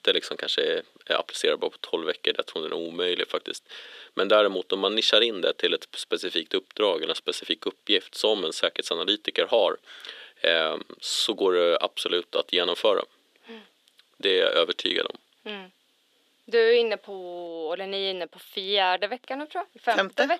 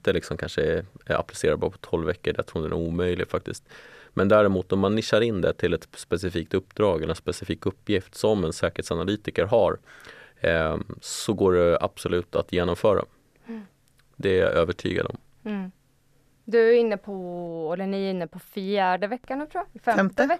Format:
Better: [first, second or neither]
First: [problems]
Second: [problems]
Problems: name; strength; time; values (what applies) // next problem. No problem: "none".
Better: second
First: thin; somewhat; fading below 300 Hz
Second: none